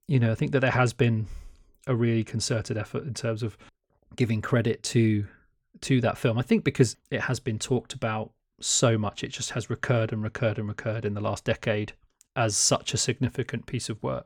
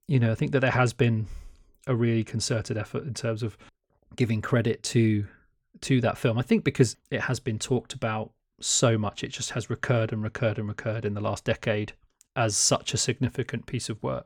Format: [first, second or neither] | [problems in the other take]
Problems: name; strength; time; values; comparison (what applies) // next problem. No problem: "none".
neither | none